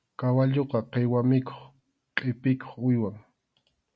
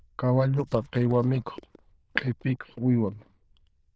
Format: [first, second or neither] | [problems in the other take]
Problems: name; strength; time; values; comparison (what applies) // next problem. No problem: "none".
first | noise reduction (neural diffusion model UNIVERSE++)